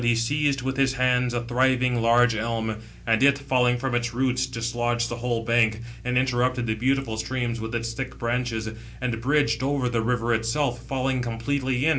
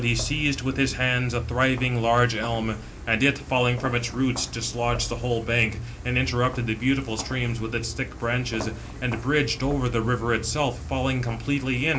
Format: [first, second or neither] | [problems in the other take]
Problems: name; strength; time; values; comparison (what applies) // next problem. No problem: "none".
first | background sound (Walk, footsteps); 12 dB below the speech